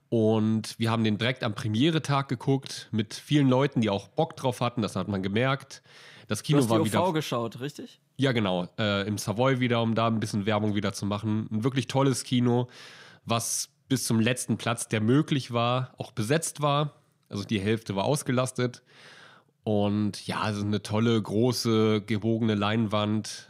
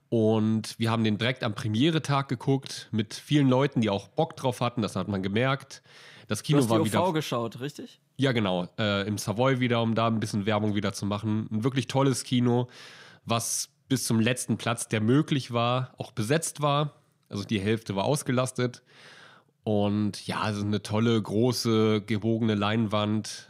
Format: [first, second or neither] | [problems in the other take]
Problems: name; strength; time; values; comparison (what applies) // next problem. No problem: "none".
neither | none